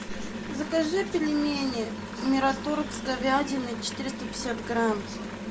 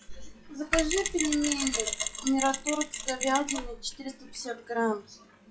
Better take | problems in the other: first | noise reduction (classical method log-MMSE)

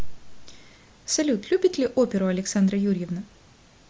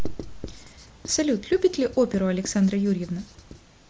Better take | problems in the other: first | background sound (Writing); 17 dB below the speech

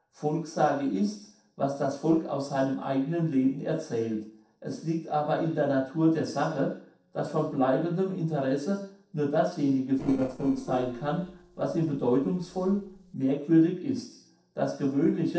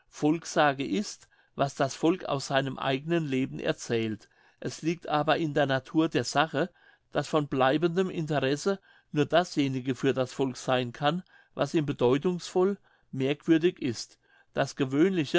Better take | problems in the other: second | noise reduction (neural separator model SepFormer DNS4)

